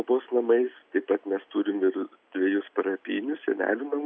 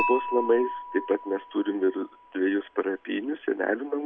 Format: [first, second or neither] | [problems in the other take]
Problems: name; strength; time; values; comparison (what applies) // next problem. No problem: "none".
first | background sound (Dishes, pots, and pans / Chink, clink); 9 dB below the speech